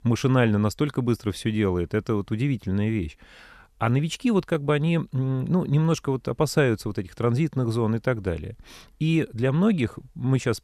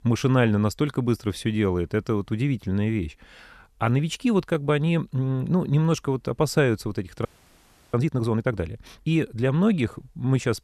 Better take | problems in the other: first | audio freezing; at 7.5 s for 0.5 s

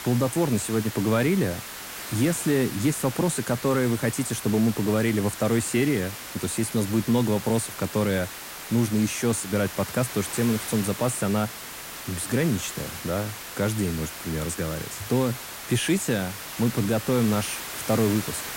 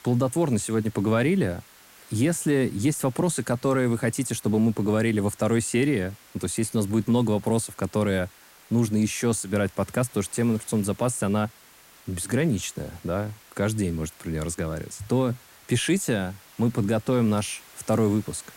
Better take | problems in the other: second | hiss; loud; throughout; 9 dB below the speech; faint in the second

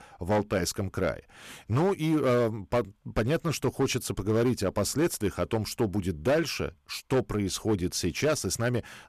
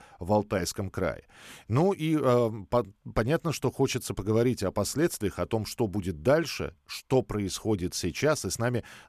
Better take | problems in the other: second | distortion; slight; 6% of the sound clipped

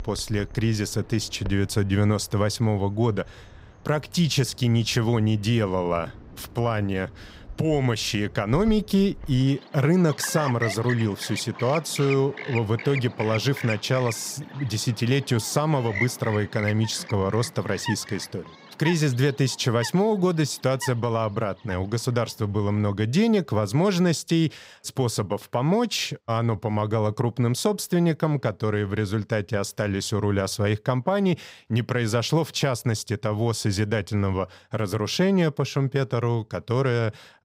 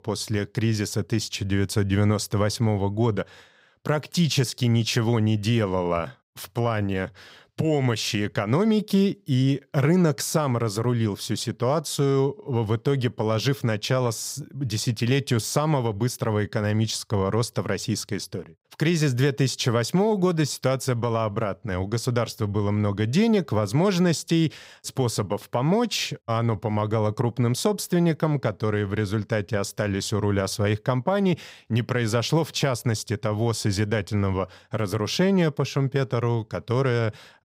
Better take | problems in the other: second | animal sounds; noticeable; throughout; 15 dB below the speech

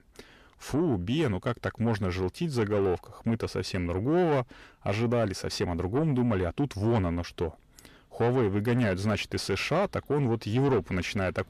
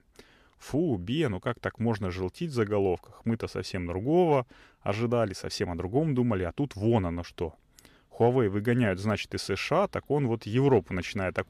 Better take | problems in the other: second | distortion; slight; 10 dB below the speech

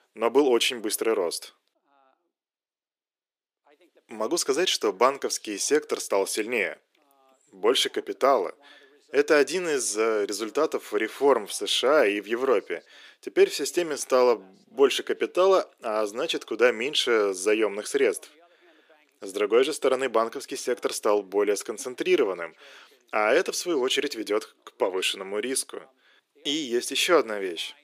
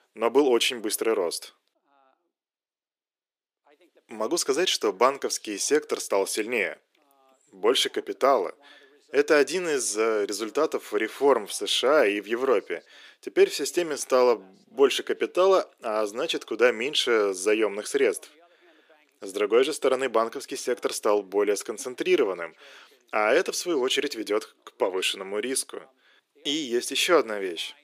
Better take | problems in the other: neither | thin; somewhat; fading below 350 Hz; the same in both

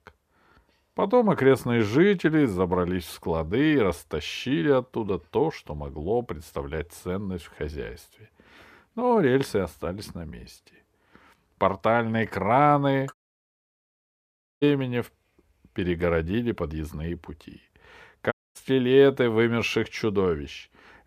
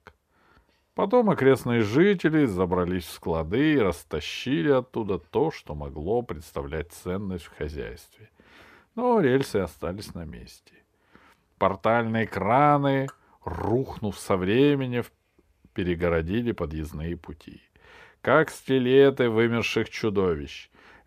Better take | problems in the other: second | audio cutting out; at 13 s for 1.5 s and at 18 s

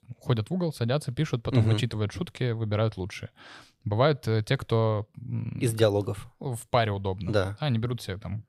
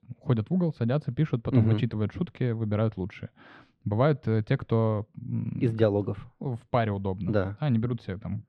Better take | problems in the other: first | muffled; slightly; fading above 2.5 kHz

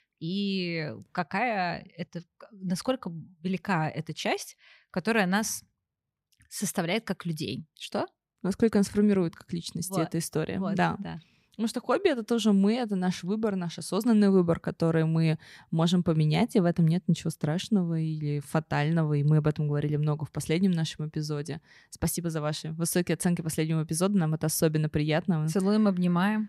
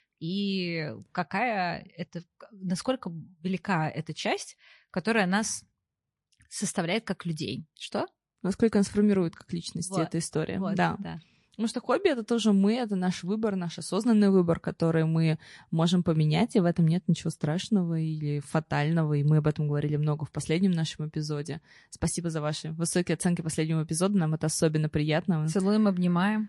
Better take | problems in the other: first | garbled, watery; slightly; nothing above 11 kHz

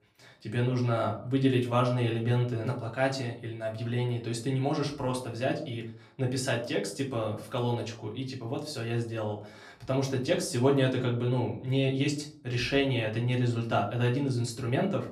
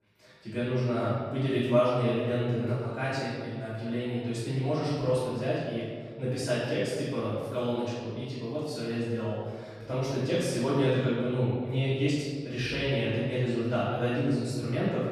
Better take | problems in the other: first | room echo; strong; dies away in 1.7 s; slight in the first // off-mic speech; far; far in the first

